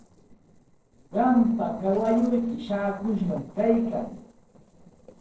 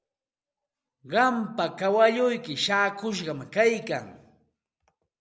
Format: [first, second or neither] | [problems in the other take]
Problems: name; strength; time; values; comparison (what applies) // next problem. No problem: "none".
second | noise reduction (neural separator model SepFormer DNS4)